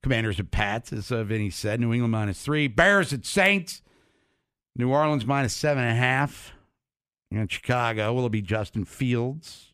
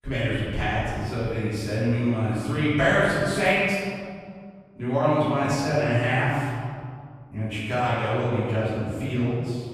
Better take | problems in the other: first | room echo; strong; dies away in 1.9 s // off-mic speech; far

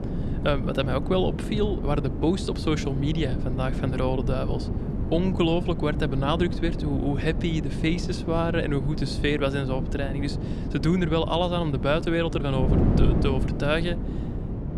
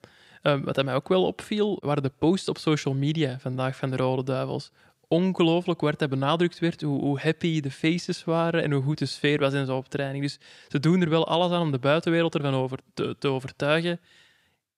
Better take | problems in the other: second | wind noise on the microphone; heavy; 8 dB below the speech

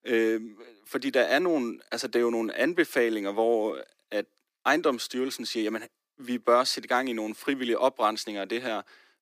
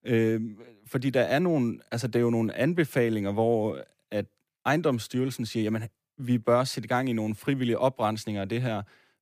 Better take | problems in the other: second | thin; somewhat; fading below 300 Hz

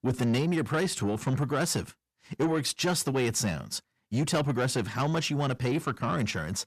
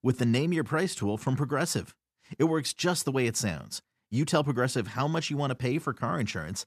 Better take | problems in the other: second | distortion; slight; 10 dB below the speech

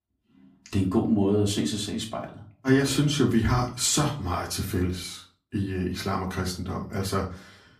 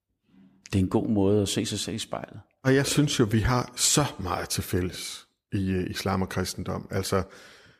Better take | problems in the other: second | off-mic speech; far // room echo; very slight; dies away in 0.3 s

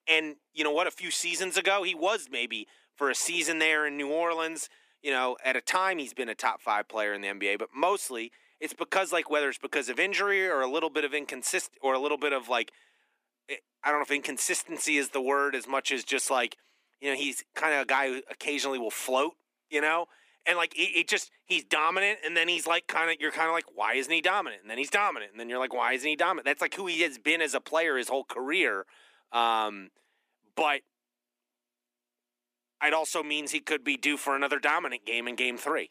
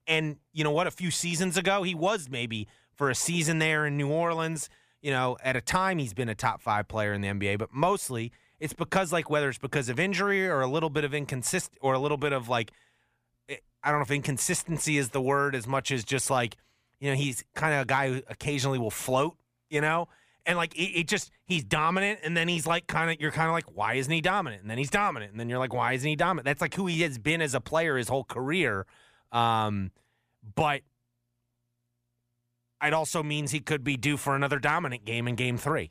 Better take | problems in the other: second | thin; somewhat; fading below 250 Hz

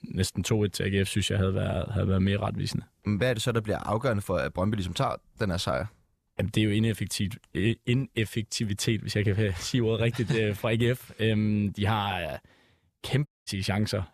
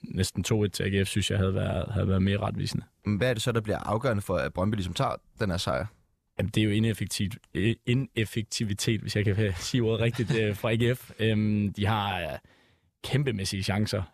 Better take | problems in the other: second | audio cutting out; at 13 s

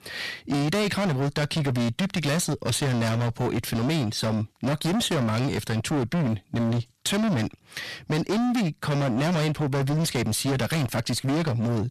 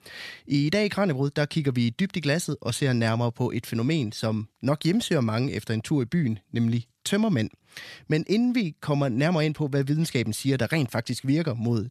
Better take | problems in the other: second | distortion; heavy; 34% of the sound clipped

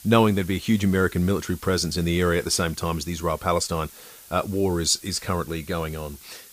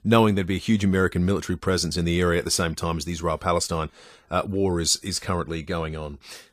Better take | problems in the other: second | hiss; noticeable; throughout; 20 dB below the speech

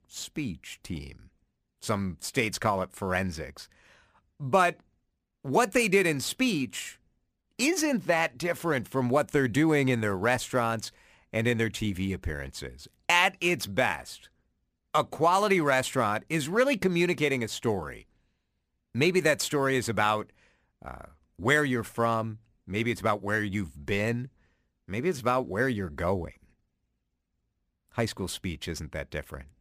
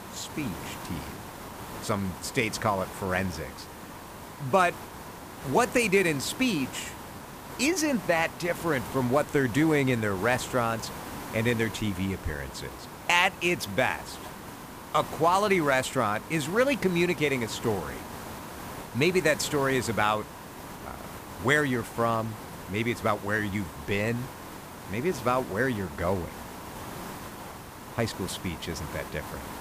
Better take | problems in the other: first | hiss; noticeable; throughout; 15 dB below the speech

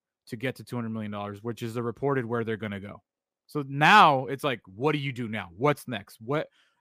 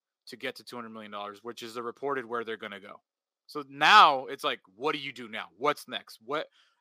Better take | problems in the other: first | thin; somewhat; fading below 350 Hz

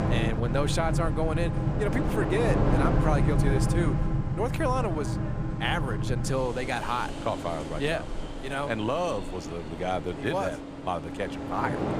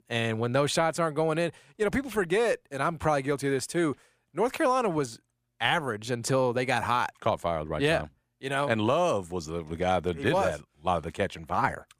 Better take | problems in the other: second | train or aircraft noise; very loud; throughout; 1 dB above the speech

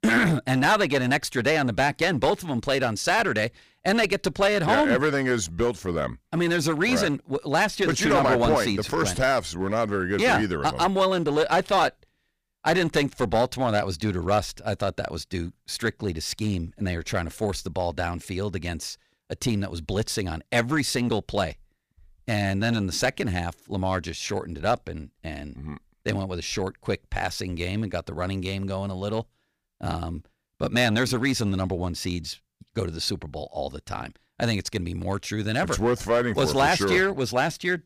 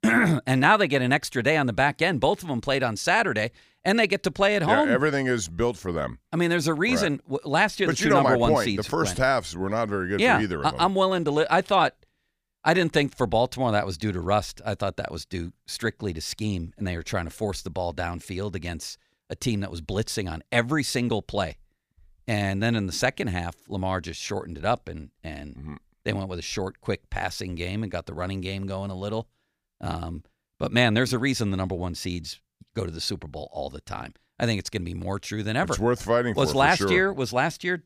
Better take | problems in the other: second | distortion; slight; 5% of the sound clipped

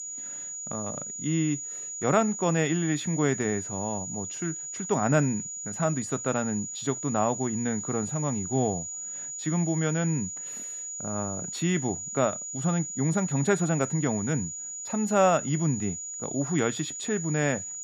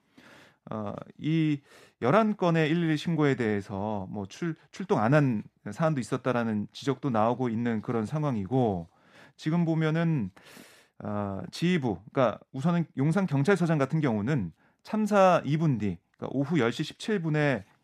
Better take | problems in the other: second | high-pitched whine; loud; throughout; 7 kHz, 6 dB below the speech

